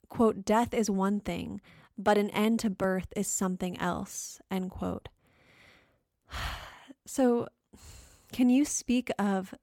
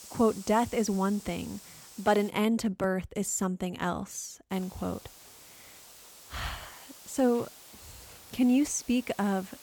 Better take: first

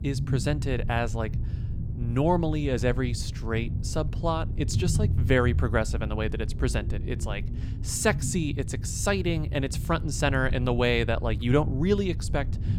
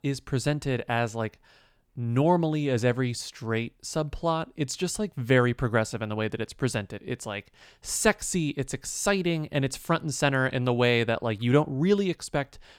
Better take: second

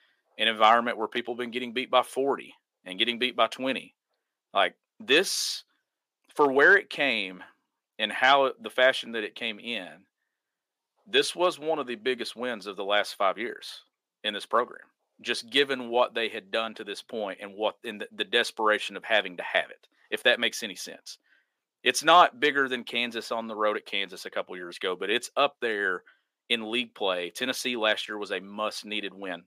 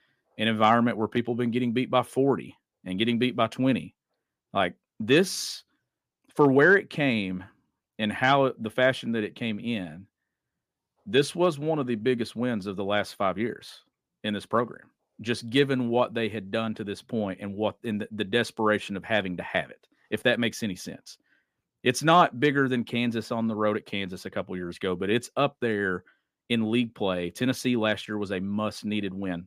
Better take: second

